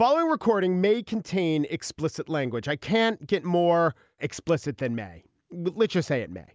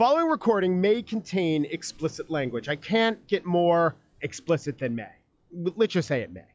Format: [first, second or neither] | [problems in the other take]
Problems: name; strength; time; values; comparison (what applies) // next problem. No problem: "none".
first | noise reduction (classical method log-MMSE)